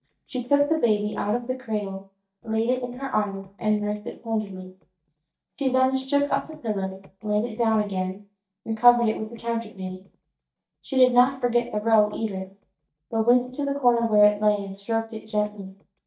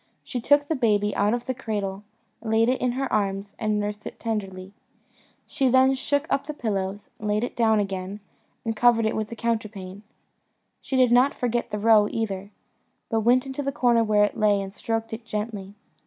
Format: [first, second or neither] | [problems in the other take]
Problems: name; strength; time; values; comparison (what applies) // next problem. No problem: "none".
second | noise reduction (neural mask model DeepFilterNet 3)